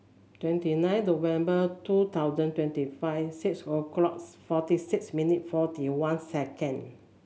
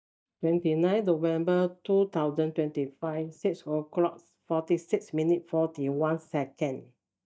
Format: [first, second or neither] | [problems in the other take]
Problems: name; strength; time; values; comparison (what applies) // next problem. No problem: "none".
first | noise reduction (neural mask model DeepFilterNet 3)